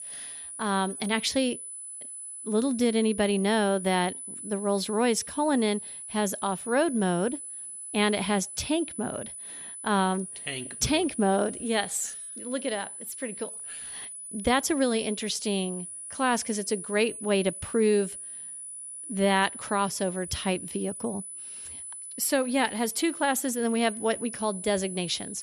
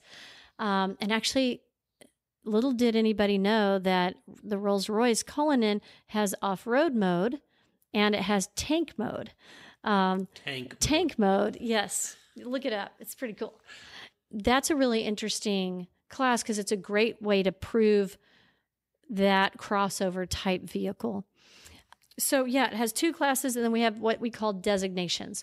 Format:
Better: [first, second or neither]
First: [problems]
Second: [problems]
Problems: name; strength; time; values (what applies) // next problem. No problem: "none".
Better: second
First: high-pitched whine; loud; throughout; 10 kHz, 9 dB below the speech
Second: none